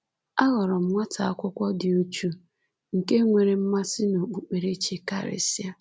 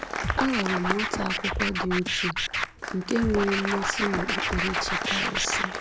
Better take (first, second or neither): first